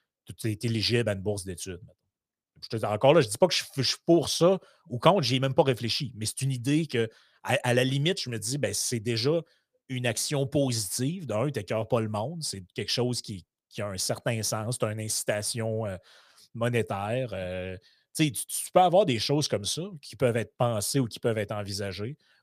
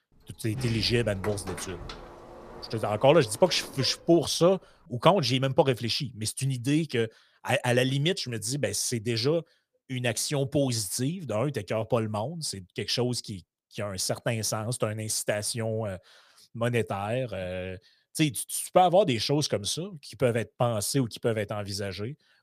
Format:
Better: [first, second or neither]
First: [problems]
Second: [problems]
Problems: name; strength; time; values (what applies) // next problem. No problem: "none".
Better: first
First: none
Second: door banging; noticeable; until 4 s; peak 10 dB below the speech